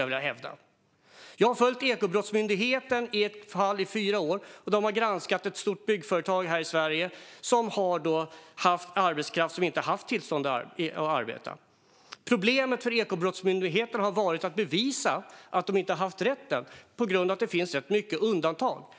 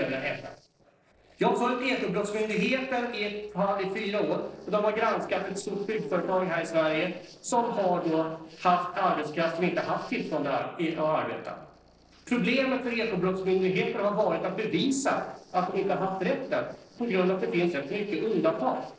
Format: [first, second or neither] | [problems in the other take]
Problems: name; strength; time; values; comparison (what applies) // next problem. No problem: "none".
first | noise reduction (neural separator model SepFormer DNS4)